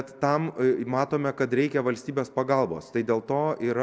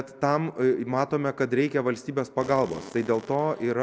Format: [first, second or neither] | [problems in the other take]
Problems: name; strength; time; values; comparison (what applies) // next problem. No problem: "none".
first | background sound (Fart + Coin (dropping)); 18 dB below the speech